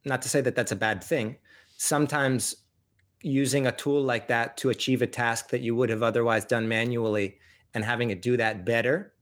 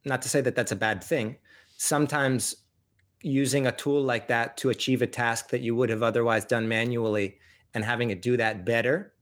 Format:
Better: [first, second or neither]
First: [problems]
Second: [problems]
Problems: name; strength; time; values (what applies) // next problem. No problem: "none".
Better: neither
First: none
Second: none